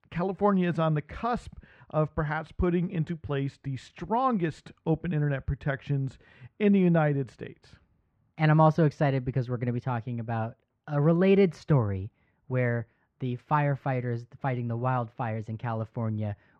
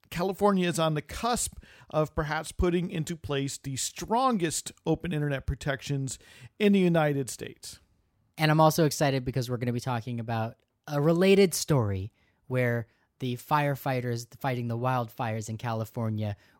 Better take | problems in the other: second | muffled; very; fading above 2 kHz

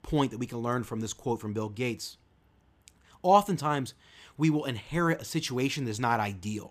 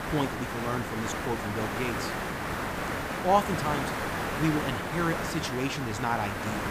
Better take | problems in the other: first | hiss; loud; throughout; 1 dB below the speech

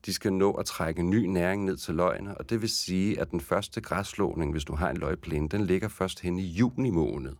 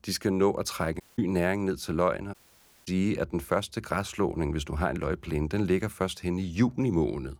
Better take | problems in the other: first | audio cutting out; at 1 s and at 2.5 s for 0.5 s

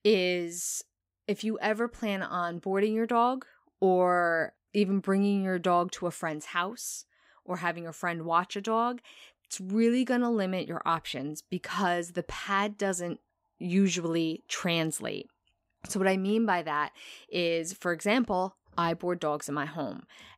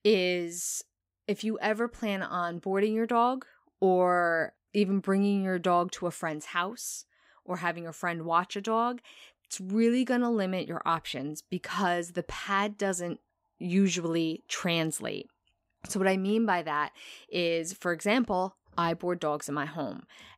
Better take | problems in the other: neither | none

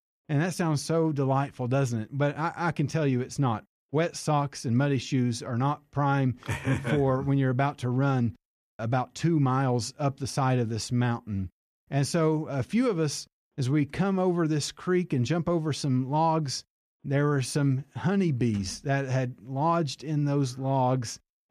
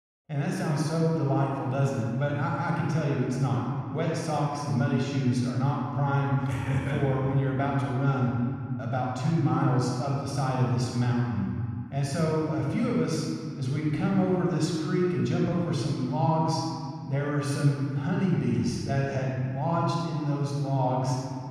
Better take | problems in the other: first | off-mic speech; somewhat distant // room echo; strong; dies away in 2.3 s

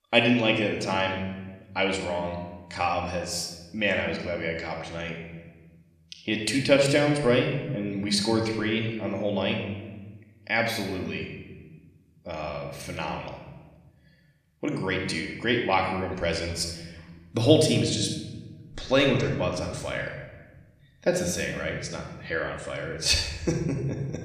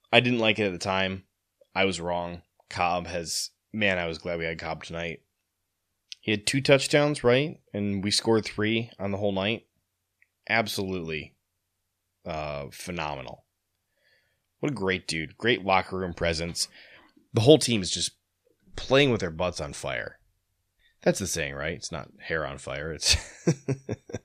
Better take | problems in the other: second | room echo; noticeable; dies away in 1.1 s // off-mic speech; somewhat distant

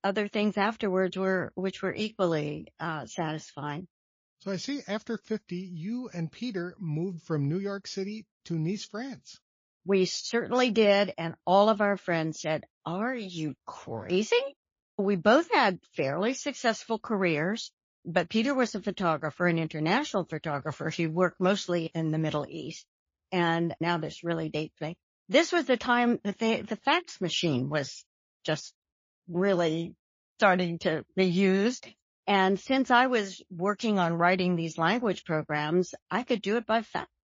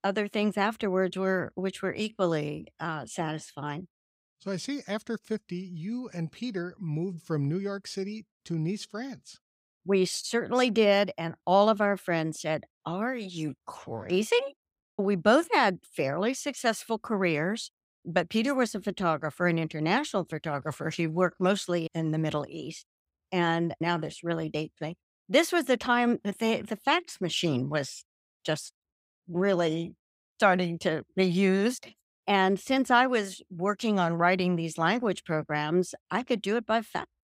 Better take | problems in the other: second | garbled, watery; slightly

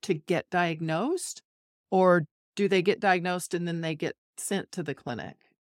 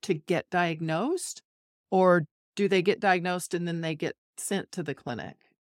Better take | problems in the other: neither | none

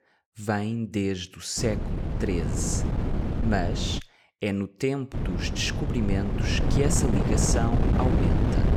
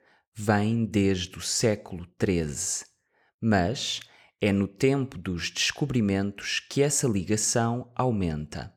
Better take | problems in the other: second | wind noise on the microphone; heavy; from 1.5 to 4 s and from 5 s on; 3 dB below the speech

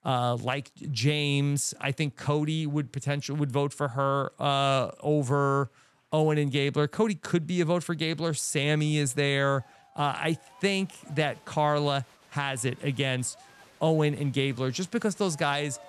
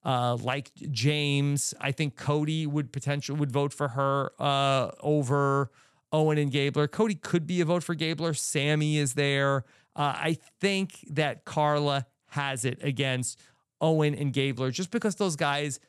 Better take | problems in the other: second | crowd noise; faint; throughout; 30 dB below the speech

